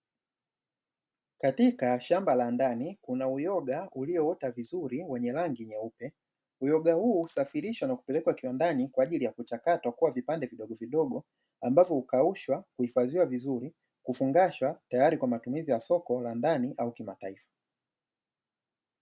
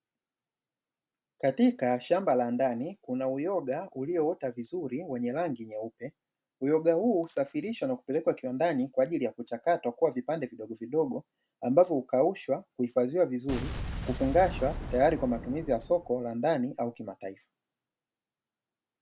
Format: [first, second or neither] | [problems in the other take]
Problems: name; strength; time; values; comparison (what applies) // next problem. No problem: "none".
first | background sound (Boom); 8 dB below the speech